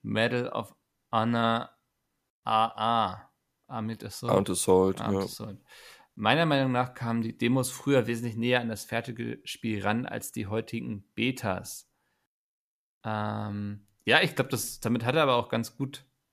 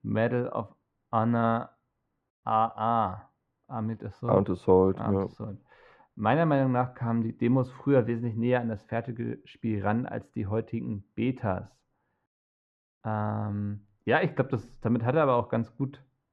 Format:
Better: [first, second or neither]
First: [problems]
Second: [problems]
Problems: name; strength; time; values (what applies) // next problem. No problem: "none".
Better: first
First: none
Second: muffled; very; fading above 1.5 kHz